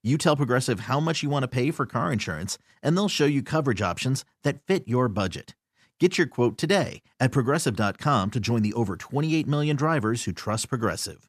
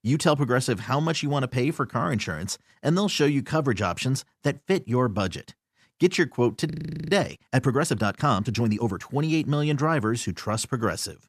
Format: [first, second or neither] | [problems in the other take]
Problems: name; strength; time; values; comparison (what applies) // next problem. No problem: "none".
first | audio freezing; at 6.5 s